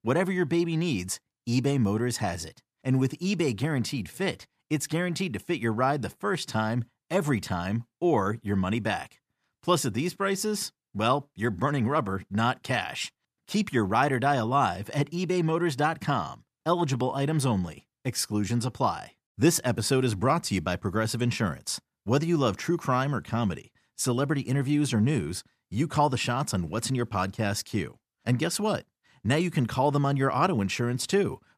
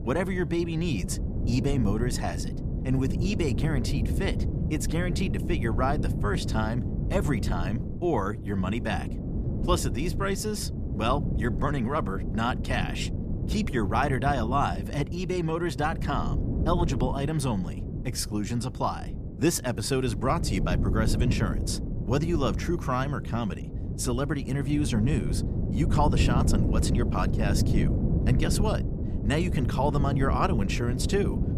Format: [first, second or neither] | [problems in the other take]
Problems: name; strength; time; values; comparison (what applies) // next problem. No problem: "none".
first | wind noise on the microphone; heavy; 9 dB below the speech